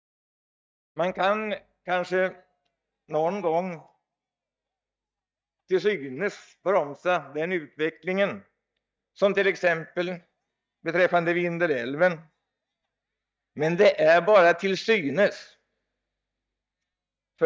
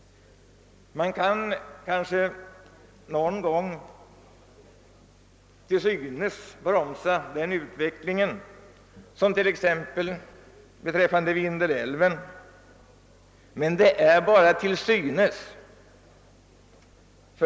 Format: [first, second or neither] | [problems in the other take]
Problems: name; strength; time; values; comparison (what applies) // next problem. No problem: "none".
second | noise reduction (neural mask model DeepFilterNet 3)